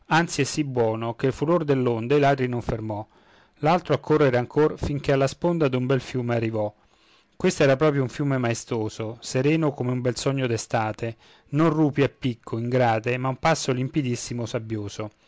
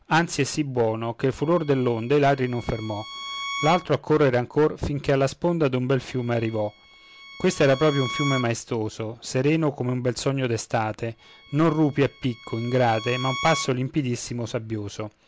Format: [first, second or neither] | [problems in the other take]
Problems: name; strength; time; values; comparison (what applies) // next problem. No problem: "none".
first | background sound (Bowed string instrument); 13 dB below the speech